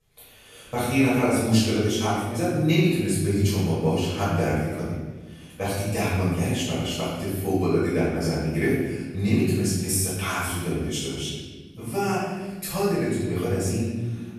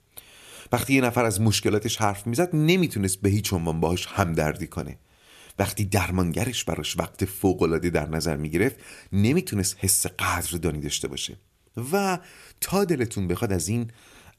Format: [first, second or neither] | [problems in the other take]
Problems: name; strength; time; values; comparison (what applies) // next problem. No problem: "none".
second | off-mic speech; far // room echo; strong; dies away in 1.3 s